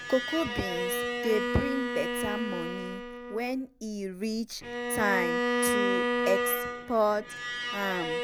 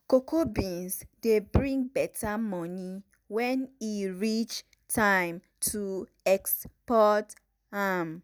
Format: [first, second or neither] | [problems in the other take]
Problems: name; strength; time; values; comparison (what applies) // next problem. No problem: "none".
second | background sound (Bowed string instrument); as loud as the speech